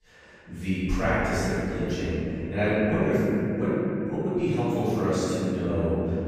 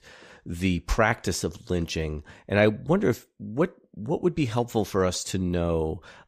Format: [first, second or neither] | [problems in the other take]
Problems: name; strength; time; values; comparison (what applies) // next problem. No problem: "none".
second | room echo; strong; dies away in 3 s // off-mic speech; far